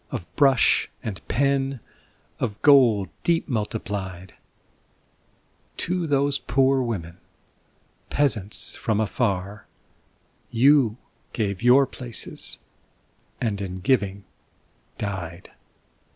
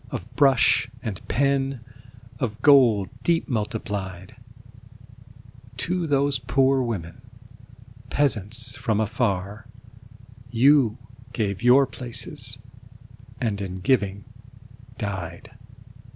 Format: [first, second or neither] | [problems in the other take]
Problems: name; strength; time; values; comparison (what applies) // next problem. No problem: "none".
first | background sound (Idling / Motorcycle); 18 dB below the speech